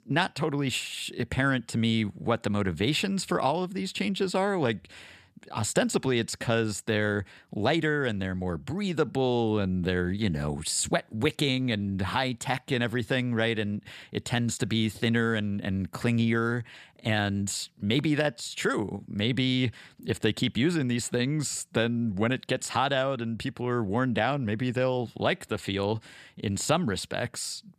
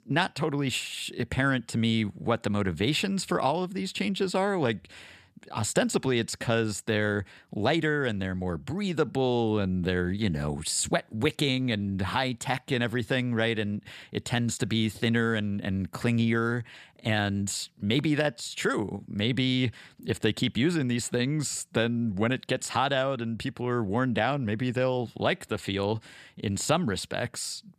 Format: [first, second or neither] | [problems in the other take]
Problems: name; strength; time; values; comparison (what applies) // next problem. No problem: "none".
neither | none